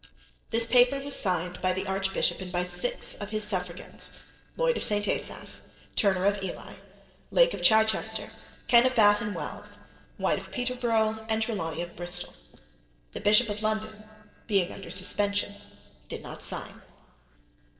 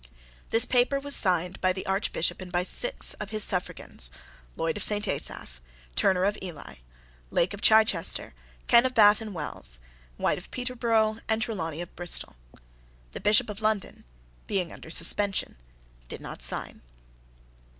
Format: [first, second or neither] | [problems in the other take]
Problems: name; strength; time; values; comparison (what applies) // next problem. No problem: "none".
second | noise reduction (neural separator model SepFormer DNS4)